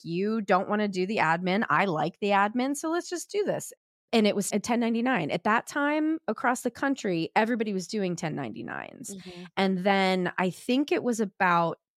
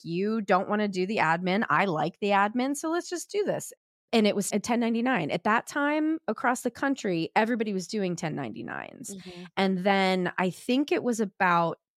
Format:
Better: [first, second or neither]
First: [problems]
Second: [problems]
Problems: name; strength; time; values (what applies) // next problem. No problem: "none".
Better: neither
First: none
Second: none